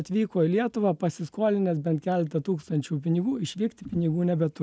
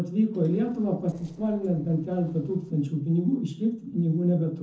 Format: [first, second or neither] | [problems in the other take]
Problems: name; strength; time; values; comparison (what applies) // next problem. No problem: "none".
first | noise reduction (neural separator model SepFormer DNS4)